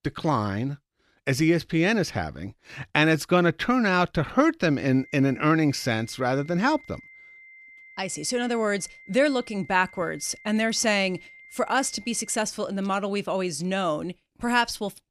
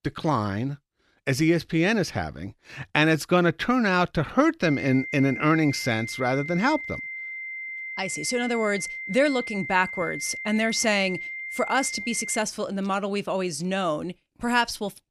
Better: first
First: high-pitched whine; faint; from 4.5 to 12 s; 2 kHz, 20 dB below the speech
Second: high-pitched whine; loud; from 4.5 to 12 s; 2 kHz, 8 dB below the speech

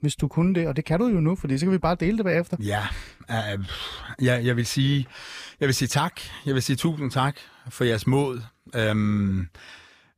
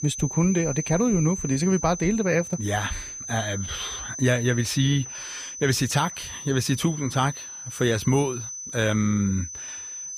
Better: first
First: none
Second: high-pitched whine; loud; throughout; 6 kHz, 9 dB below the speech

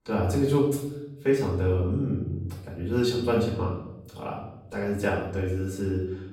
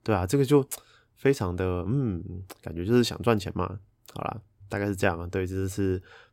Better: second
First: off-mic speech; far // room echo; noticeable; dies away in 0.8 s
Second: none

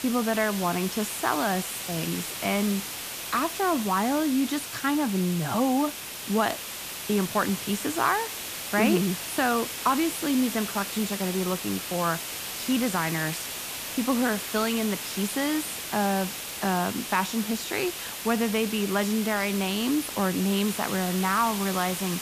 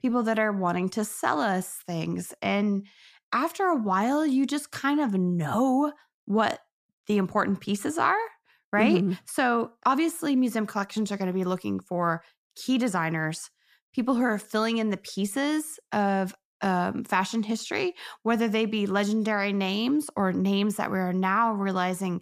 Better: second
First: hiss; loud; throughout; 5 dB below the speech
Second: none

